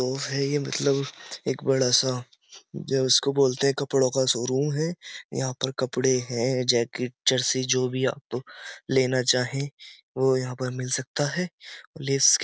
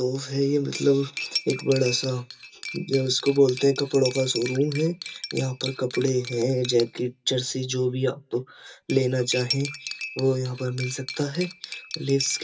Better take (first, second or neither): first